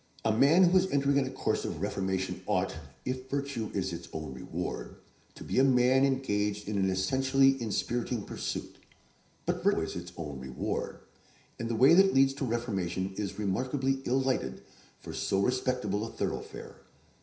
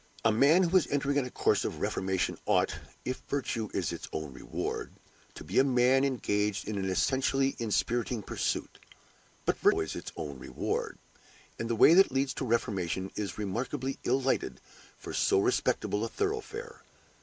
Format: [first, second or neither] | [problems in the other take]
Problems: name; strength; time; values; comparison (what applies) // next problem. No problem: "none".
second | room echo; dies away in 0.5 s